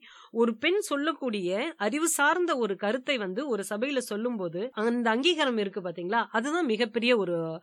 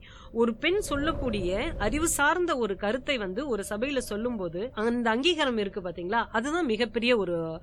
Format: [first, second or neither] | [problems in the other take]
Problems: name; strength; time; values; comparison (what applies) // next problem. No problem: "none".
first | wind noise on the microphone; occasional gusts; 20 dB below the speech